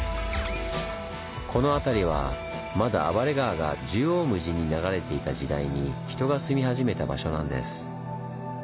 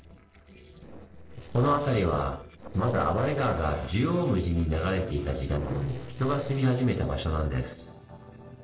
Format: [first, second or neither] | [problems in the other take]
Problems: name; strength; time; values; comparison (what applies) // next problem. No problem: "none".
first | noise reduction (neural separator model SepFormer DNS4)